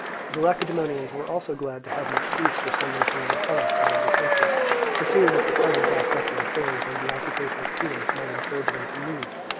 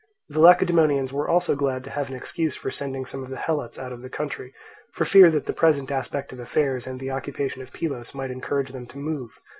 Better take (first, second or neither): second